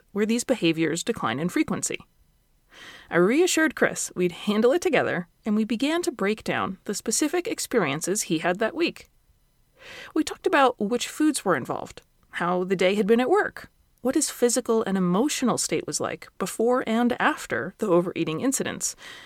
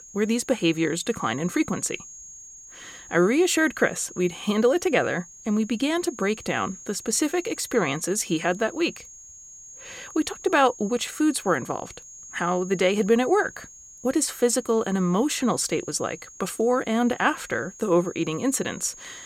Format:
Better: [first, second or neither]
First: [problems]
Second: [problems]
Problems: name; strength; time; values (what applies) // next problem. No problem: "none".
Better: first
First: none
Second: high-pitched whine; noticeable; throughout; 6.5 kHz, 15 dB below the speech